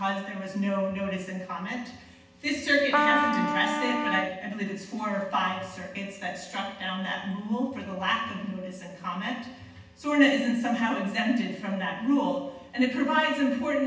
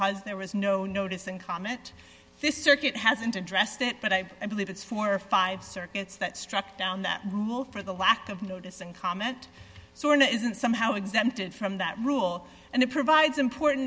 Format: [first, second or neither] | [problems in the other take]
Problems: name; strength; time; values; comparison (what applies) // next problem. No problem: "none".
second | background sound (Trumpet); 1 dB above the speech // room echo; dies away in 0.9 s